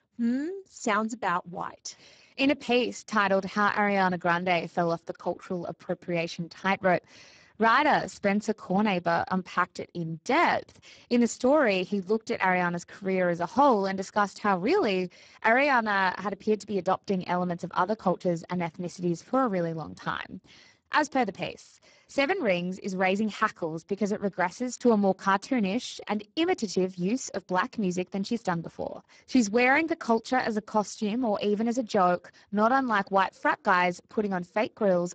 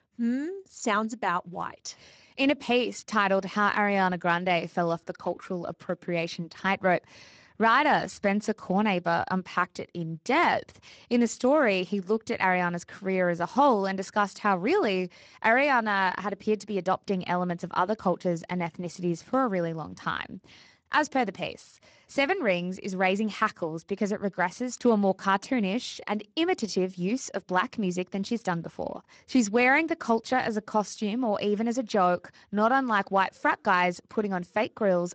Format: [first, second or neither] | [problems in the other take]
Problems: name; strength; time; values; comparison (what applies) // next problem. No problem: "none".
second | garbled, watery; badly; nothing above 7.5 kHz; slightly in the second